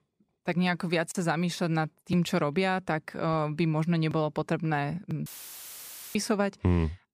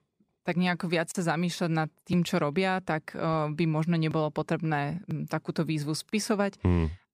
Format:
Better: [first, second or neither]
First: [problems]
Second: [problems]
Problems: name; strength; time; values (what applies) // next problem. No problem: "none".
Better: second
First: audio cutting out; filled with static; at 5.5 s for 1 s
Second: none